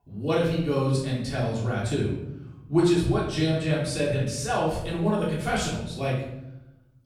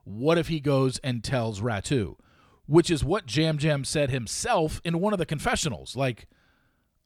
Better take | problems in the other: second | off-mic speech; far // room echo; noticeable; dies away in 0.8 s

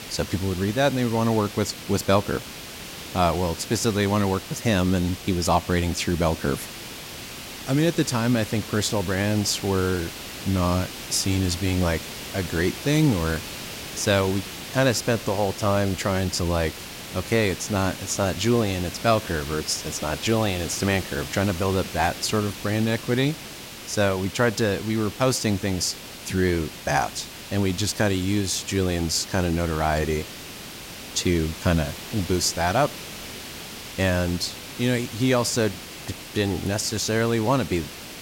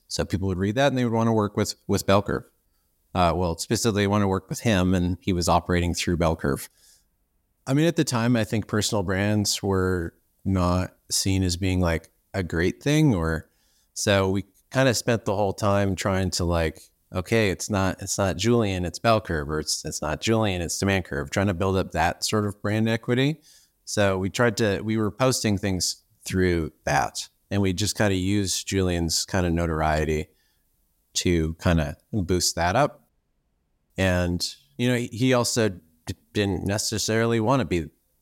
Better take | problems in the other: second | hiss; noticeable; throughout; 10 dB below the speech

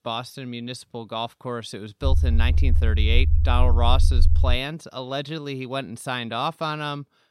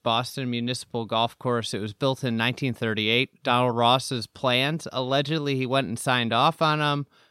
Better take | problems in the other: second | low rumble; noticeable; from 2 to 4.5 s; 10 dB below the speech

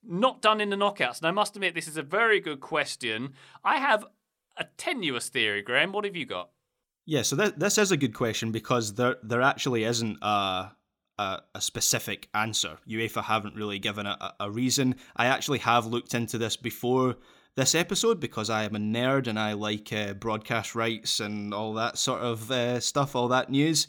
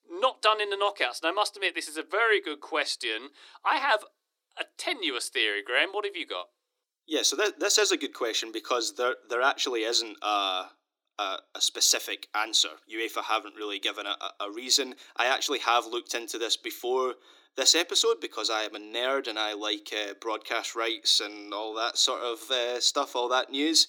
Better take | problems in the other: first | thin; somewhat; fading below 300 Hz

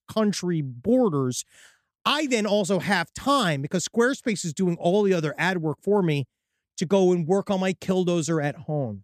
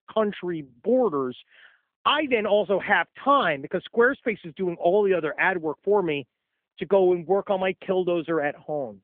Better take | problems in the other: first | phone-call audio; nothing above 3.5 kHz

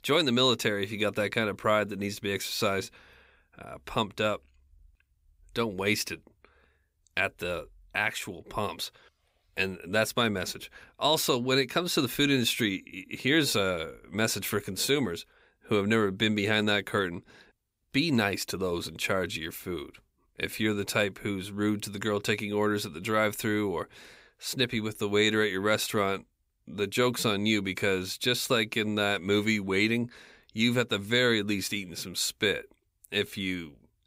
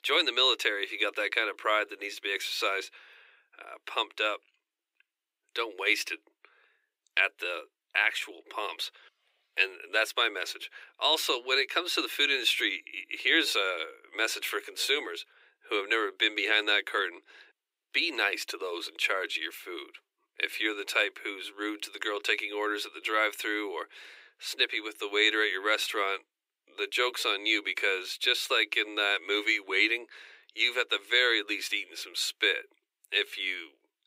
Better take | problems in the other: first | thin; very; fading below 300 Hz

